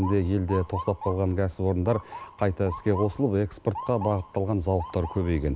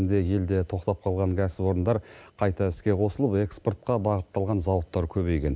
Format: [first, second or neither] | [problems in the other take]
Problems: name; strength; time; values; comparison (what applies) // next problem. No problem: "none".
second | background sound (Motor vehicle (road) / Siren); 14 dB below the speech